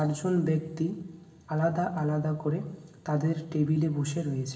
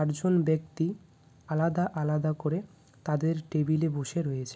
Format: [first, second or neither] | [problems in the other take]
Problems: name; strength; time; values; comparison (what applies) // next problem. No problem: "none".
second | room echo; dies away in 1 s